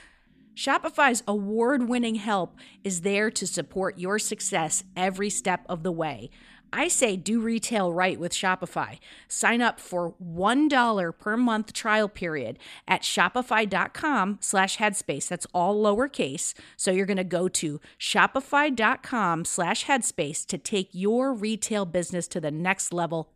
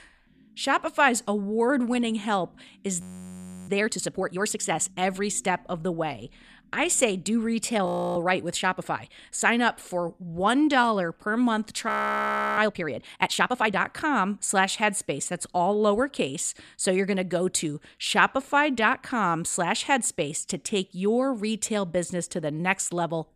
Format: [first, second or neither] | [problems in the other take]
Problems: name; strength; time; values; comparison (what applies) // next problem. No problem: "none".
first | audio freezing; at 3 s for 0.5 s, at 8 s and at 12 s for 0.5 s